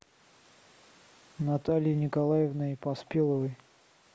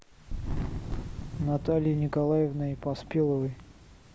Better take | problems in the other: first | background sound (Thunder); 7 dB below the speech

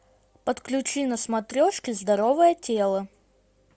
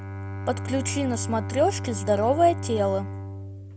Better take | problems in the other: first | background sound (Bowed string instrument); 6 dB below the speech

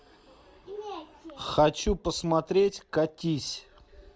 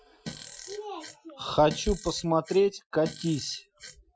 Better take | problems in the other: first | noise reduction (classical method Wiener filter)

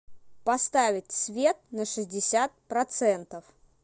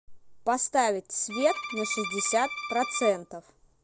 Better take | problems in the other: first | background sound (Bowed string instrument); 8 dB below the speech

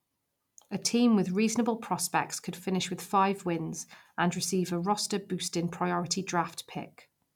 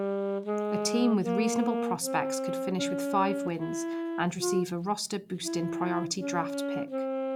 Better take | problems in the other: first | background sound (Wind instrument, woodwind instrument); as loud as the speech

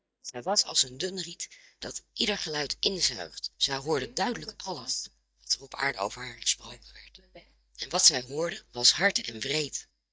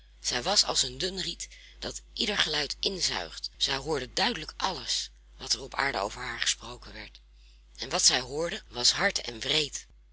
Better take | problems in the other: second | noise reduction (neural mask model DeepFilterNet 3)

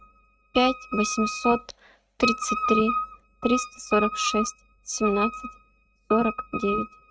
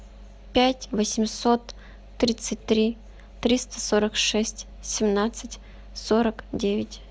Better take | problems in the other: second | noise reduction (neural mask model RNNoise)

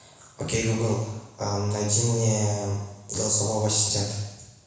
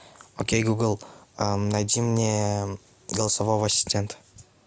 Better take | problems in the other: second | room echo; dies away in 1 s

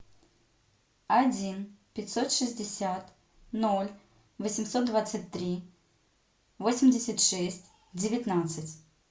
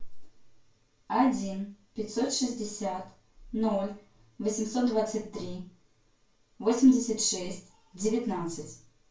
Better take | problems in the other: first | room echo; dies away in 0.2 s

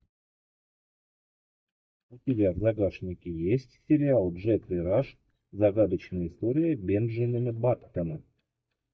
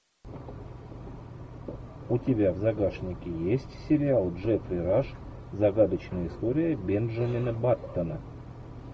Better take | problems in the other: second | noise reduction (neural mask model DeepFilterNet 3)

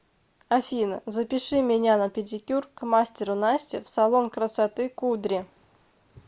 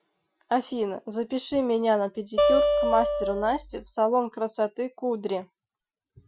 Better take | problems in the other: first | noise reduction (classical method Wiener filter)

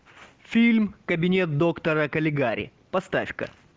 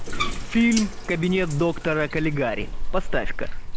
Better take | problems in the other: first | background sound (Bathtub (filling or washing)); 2 dB below the speech

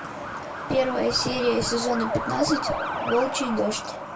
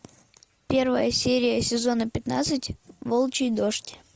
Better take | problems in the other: second | background sound (Truck); 4 dB below the speech // room echo; dies away in 0.2 s

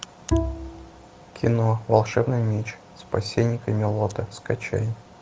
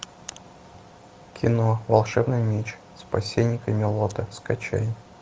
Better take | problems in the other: second | background sound (Bowed string instrument); 6 dB below the speech

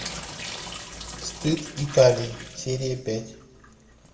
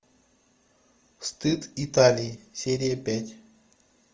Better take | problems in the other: second | background sound (Drip / Sink (filling or washing)); 12 dB below the speech // room echo; dies away in 1.2 s

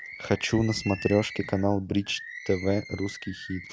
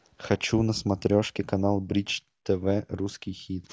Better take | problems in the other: second | background sound (Bird); 14 dB below the speech

